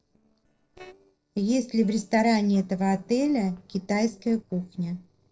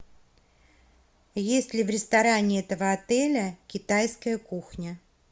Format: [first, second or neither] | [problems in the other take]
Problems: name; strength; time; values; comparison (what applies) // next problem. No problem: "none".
second | noise reduction (neural separator model SepFormer DNS4)